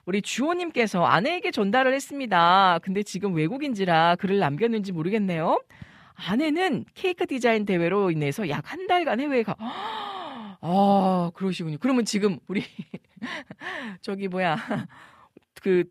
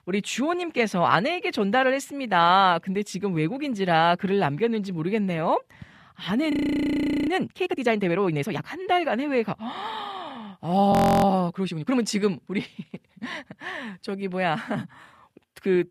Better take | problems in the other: first | audio freezing; at 6.5 s for 1 s and at 11 s

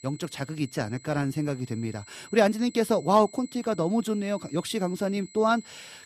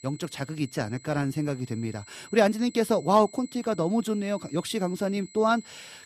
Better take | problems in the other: neither | high-pitched whine; faint; throughout; 8 kHz, 20 dB below the speech; the same in both

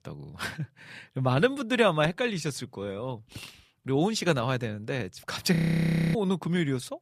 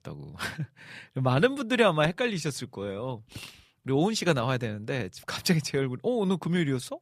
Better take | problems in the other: second | audio freezing; at 5.5 s for 0.5 s

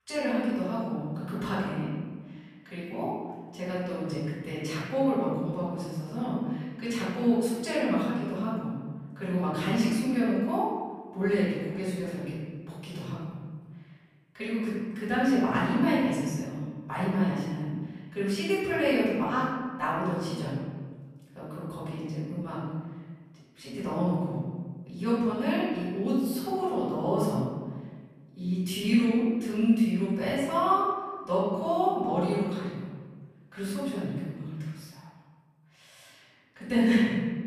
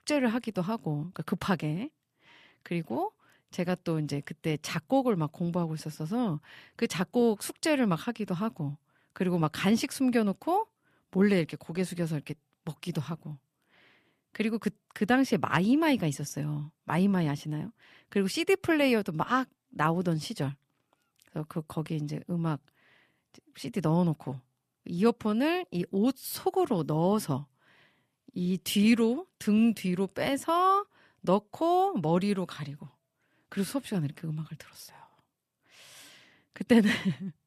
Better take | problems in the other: second | off-mic speech; far // room echo; strong; dies away in 1.4 s

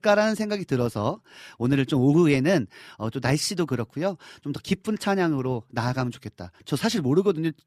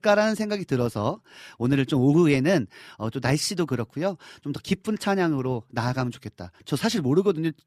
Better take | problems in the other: neither | none

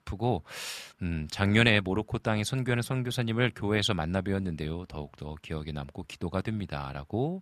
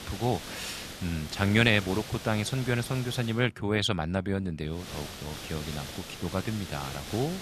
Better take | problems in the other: first | hiss; noticeable; until 3.5 s and from 5 s on; 10 dB below the speech

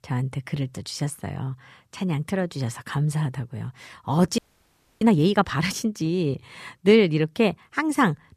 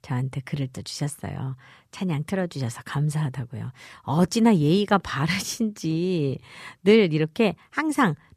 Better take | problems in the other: second | audio freezing; at 4.5 s for 0.5 s

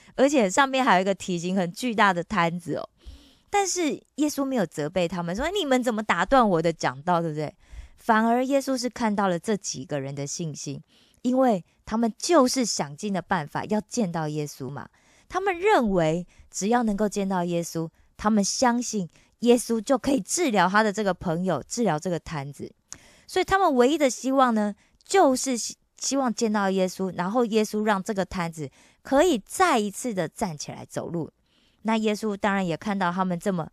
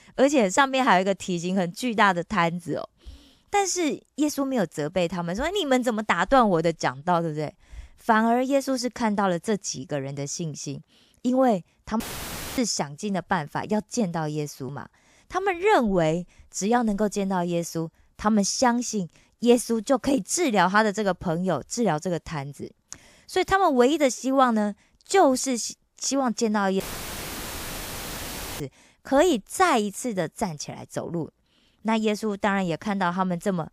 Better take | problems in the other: first | audio cutting out; filled with static; at 12 s for 0.5 s and at 27 s for 2 s

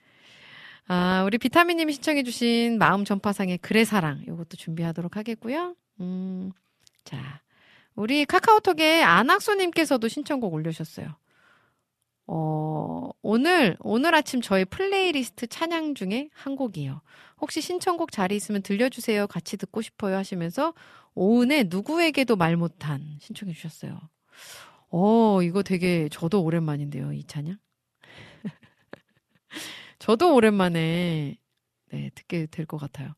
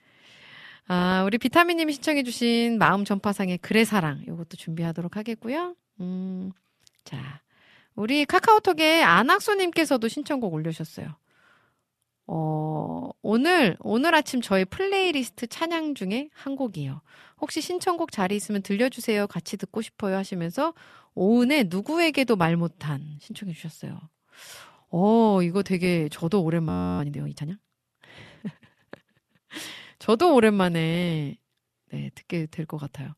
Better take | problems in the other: first | audio freezing; at 27 s

